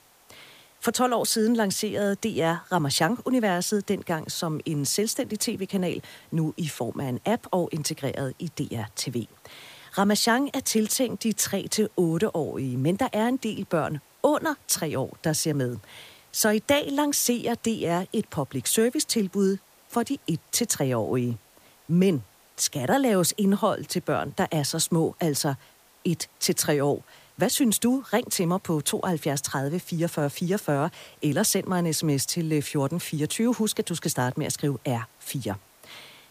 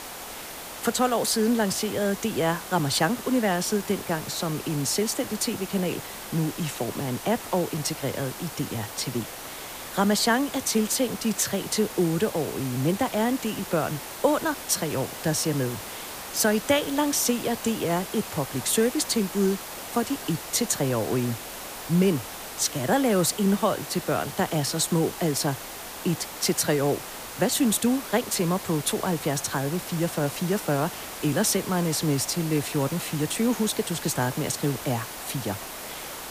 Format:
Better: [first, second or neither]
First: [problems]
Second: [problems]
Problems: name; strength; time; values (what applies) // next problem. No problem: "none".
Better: first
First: hiss; faint; throughout; 30 dB below the speech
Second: hiss; loud; throughout; 10 dB below the speech